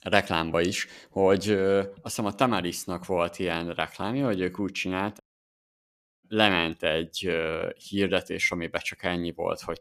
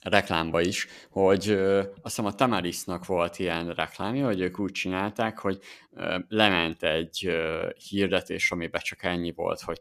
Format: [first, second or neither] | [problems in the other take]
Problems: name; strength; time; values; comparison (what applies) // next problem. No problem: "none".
second | audio cutting out; at 5 s for 1 s